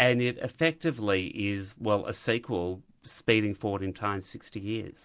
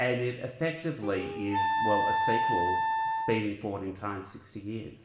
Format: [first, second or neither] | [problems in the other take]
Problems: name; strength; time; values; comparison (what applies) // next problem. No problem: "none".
first | background sound (Wind instrument, woodwind instrument); 2 dB above the speech // room echo; dies away in 1 s